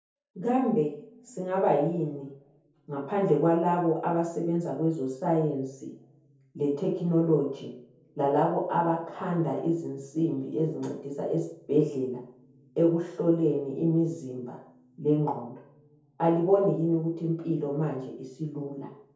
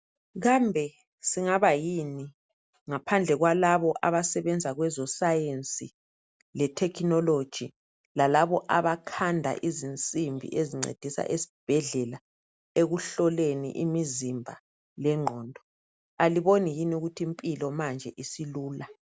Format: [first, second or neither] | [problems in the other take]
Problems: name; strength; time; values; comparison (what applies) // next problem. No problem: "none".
second | room echo; dies away in 0.6 s